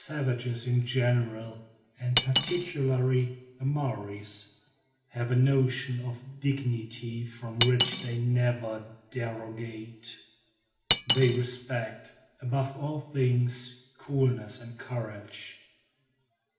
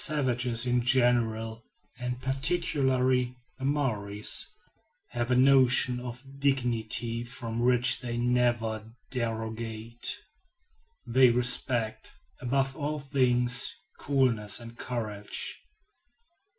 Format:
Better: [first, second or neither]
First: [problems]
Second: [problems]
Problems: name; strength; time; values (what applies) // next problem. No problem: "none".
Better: second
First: background sound (Cutlery, silverware); 4 dB below the speech // room echo; dies away in 1 s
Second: none